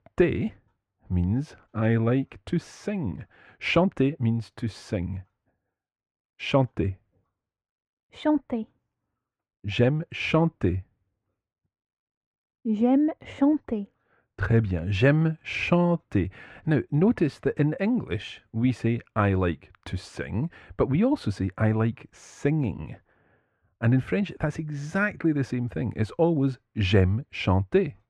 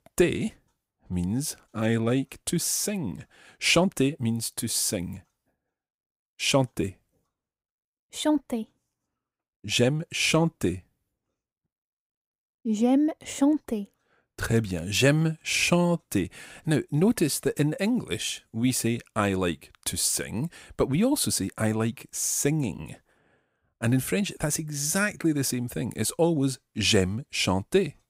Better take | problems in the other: second | muffled; very; fading above 2 kHz

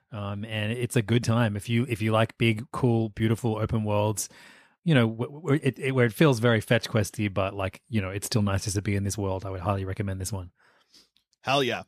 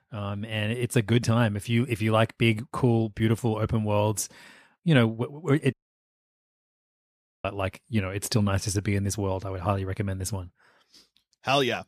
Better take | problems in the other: first | audio cutting out; at 5.5 s for 1.5 s

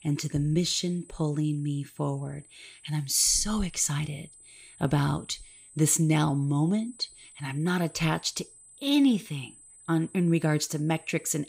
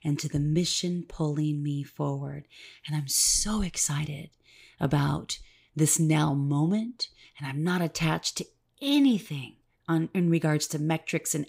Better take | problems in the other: second | high-pitched whine; faint; throughout; 8 kHz, 25 dB below the speech

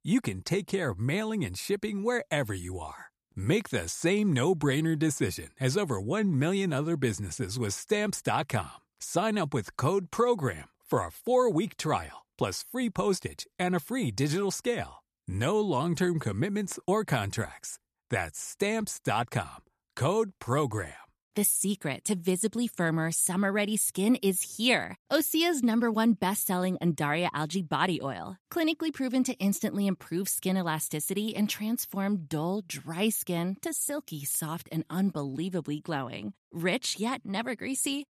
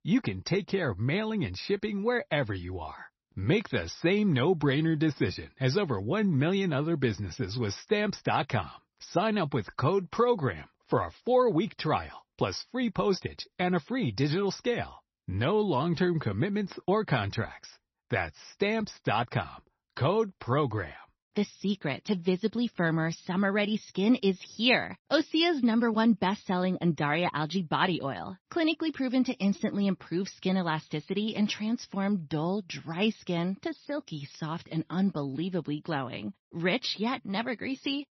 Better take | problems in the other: first | garbled, watery; slightly; nothing above 6 kHz

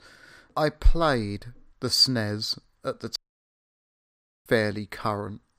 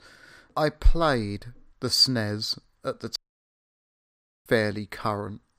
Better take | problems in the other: neither | audio cutting out; at 3 s for 1.5 s; the same in both

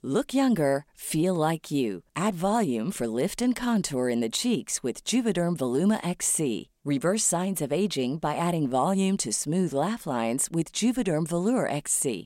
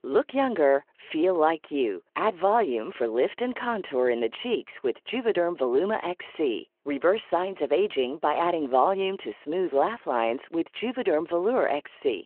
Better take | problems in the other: first | phone-call audio

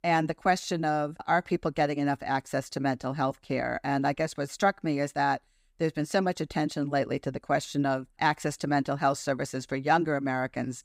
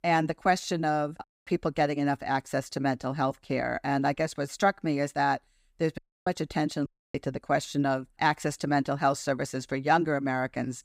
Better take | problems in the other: first | audio cutting out; at 1 s, at 6 s and at 7 s

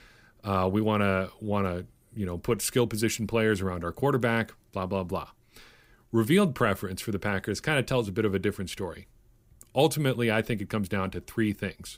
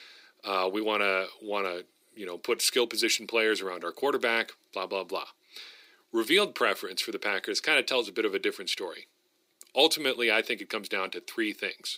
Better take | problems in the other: first | thin; somewhat; fading below 350 Hz

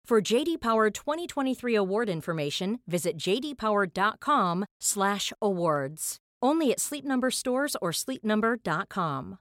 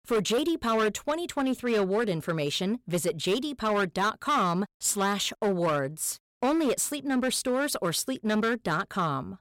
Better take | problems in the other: first | distortion; slight; 11% of the sound clipped

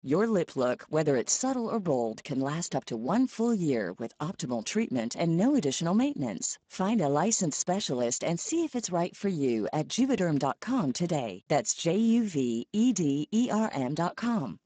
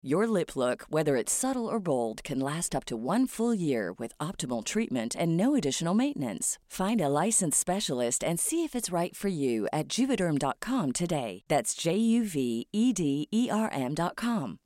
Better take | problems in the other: second | garbled, watery; badly; nothing above 7.5 kHz

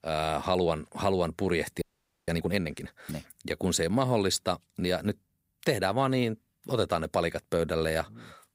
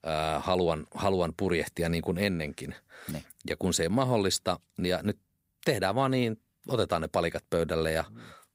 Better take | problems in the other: second | audio freezing; at 2 s

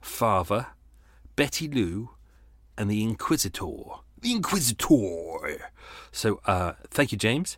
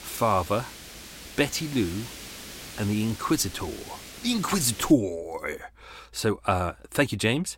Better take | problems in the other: first | hiss; noticeable; until 5 s; 15 dB below the speech

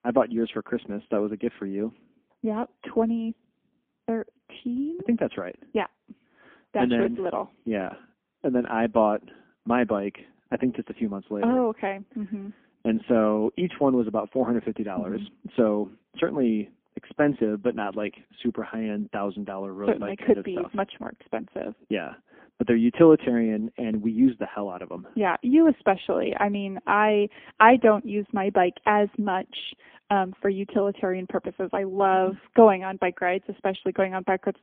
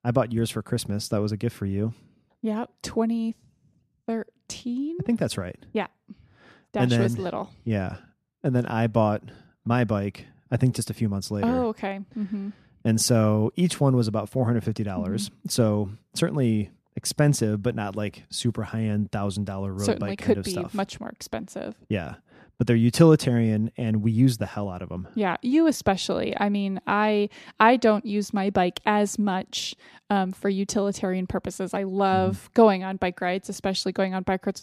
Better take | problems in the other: second | phone-call audio; poor line; nothing above 3.5 kHz

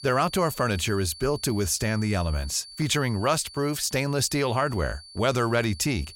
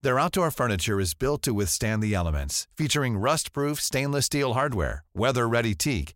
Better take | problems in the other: second | high-pitched whine; noticeable; throughout; 4.5 kHz, 15 dB below the speech

